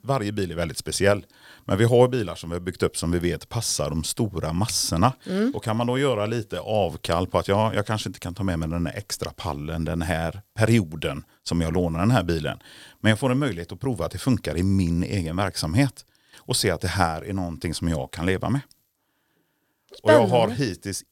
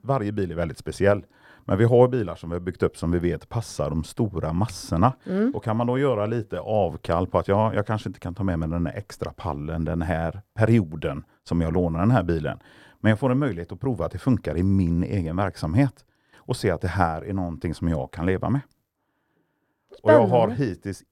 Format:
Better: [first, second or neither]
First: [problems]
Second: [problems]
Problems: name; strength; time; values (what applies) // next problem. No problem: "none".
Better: first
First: none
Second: muffled; slightly; fading above 2.5 kHz